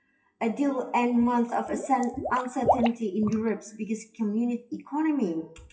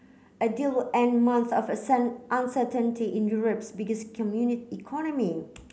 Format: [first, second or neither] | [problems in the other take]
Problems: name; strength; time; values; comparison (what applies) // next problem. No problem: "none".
second | noise reduction (classical method WPE with log-MMSE)